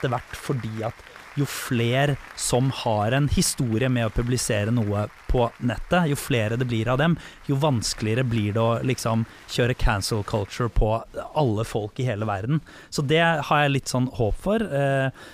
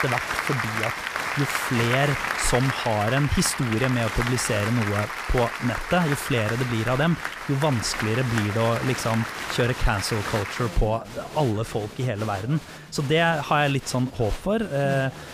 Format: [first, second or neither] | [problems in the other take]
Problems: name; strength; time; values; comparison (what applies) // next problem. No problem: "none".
first | crowd noise; loud; throughout; 5 dB below the speech; faint in the first